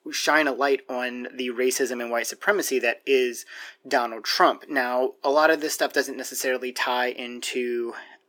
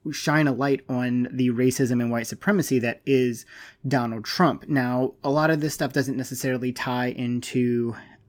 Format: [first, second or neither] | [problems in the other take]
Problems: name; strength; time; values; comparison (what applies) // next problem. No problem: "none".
second | thin; very; fading below 400 Hz